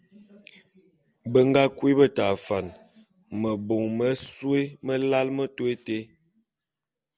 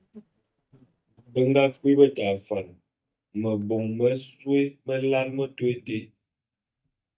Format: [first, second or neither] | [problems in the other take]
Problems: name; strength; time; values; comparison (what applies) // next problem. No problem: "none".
first | noise reduction (neural mask model DeepFilterNet 3)